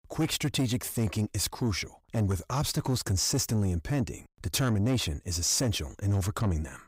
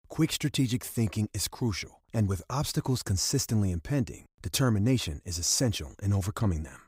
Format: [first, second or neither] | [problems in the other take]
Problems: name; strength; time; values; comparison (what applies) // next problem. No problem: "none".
second | distortion; slight; 10 dB below the speech